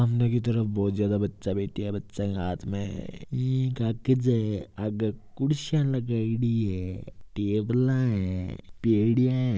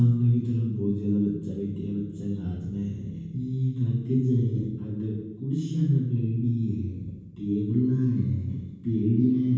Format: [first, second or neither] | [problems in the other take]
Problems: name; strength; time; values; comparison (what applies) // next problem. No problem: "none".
first | room echo; dies away in 1.2 s